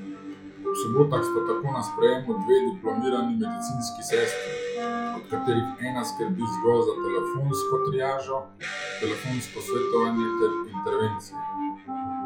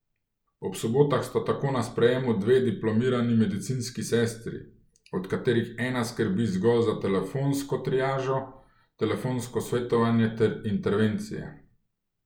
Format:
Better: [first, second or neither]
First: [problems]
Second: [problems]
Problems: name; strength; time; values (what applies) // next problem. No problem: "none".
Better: second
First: noise reduction (classical method log-MMSE)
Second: none